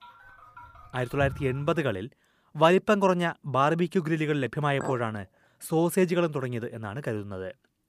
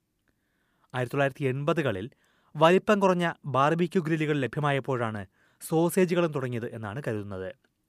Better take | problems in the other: second | phone ringing; faint; from 0.5 to 1.5 s; peak 10 dB below the speech // clattering dishes; faint; at 5 s; peak 10 dB below the speech

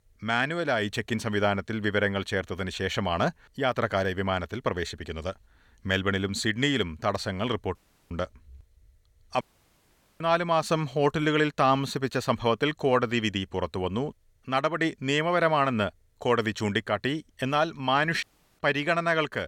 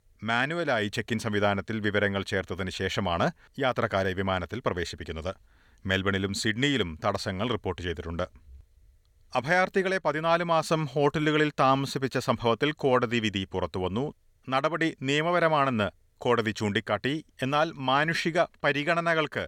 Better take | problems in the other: second | audio cutting out; at 8 s, at 9.5 s for 1 s and at 18 s

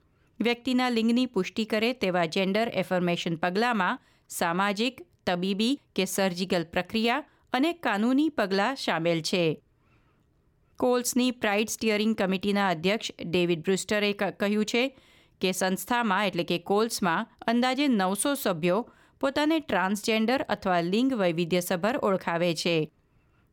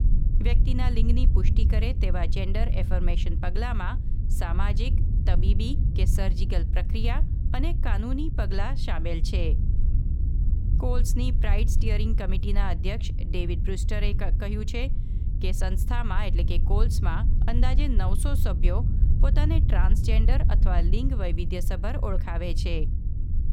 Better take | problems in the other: first | low rumble; loud; throughout; 8 dB below the speech

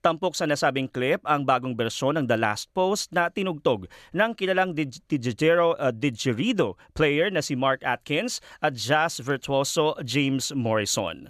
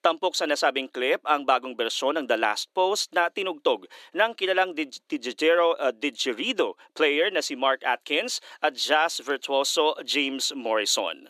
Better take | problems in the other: first | thin; somewhat; fading below 300 Hz

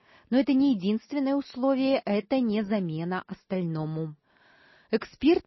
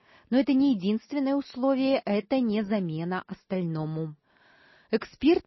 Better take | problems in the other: neither | garbled, watery; slightly; nothing above 5.5 kHz; the same in both

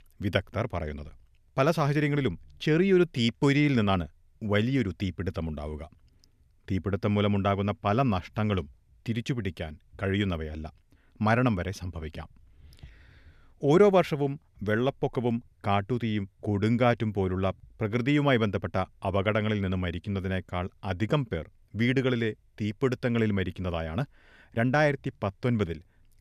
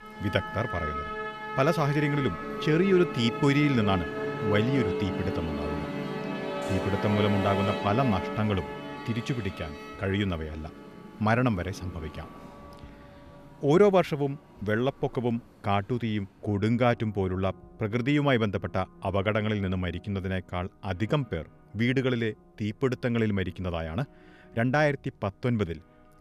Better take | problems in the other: first | background music; loud; throughout; 6 dB below the speech

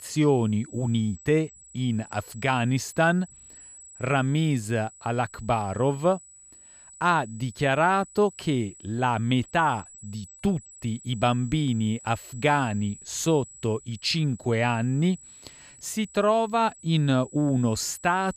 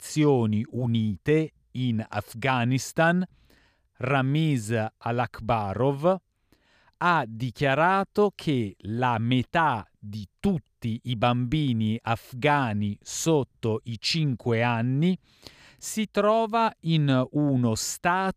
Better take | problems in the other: second | high-pitched whine; noticeable; throughout; 8 kHz, 20 dB below the speech

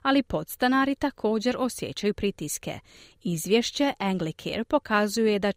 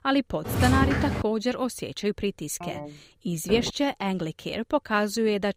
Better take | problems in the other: first | footsteps; loud; at 0.5 s; peak 3 dB above the speech // phone ringing; faint; at 2.5 s; peak 10 dB below the speech // door banging; noticeable; at 3.5 s; peak 7 dB below the speech

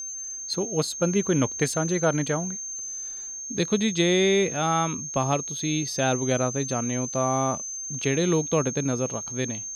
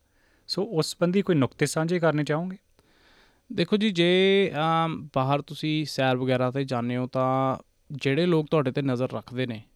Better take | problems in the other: second | high-pitched whine; loud; throughout; 6.5 kHz, 6 dB below the speech

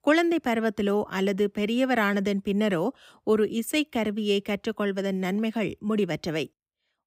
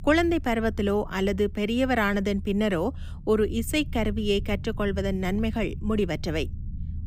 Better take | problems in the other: first | low rumble; faint; throughout; 25 dB below the speech

